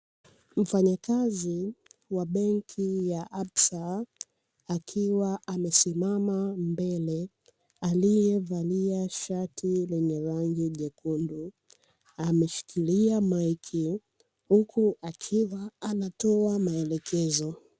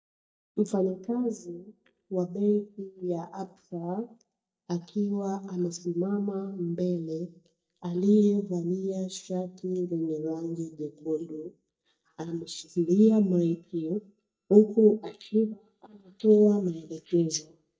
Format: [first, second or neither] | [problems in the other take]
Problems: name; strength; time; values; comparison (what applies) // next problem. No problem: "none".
first | noise reduction (neural mask model DeepFilterNet 3)